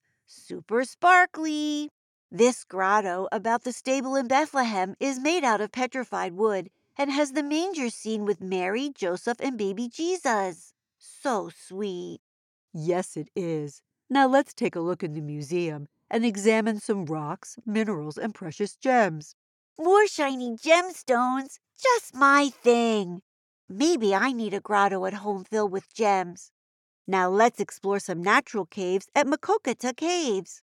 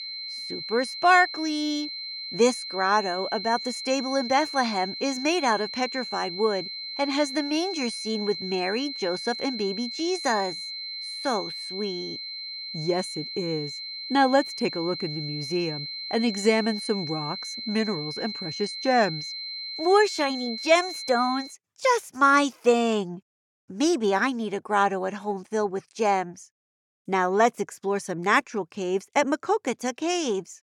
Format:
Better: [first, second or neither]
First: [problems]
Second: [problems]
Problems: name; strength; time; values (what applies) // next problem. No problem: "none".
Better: first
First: none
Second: high-pitched whine; loud; until 21 s; 4 kHz, 7 dB below the speech